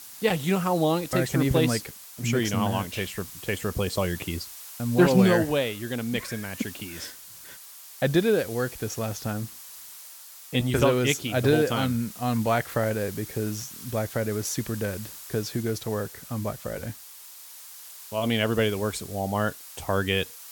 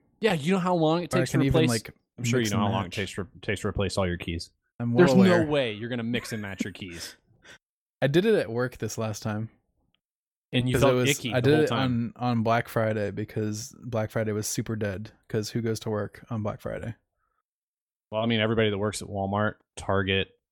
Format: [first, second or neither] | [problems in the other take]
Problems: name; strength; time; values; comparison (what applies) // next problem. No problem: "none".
second | hiss; noticeable; throughout; 15 dB below the speech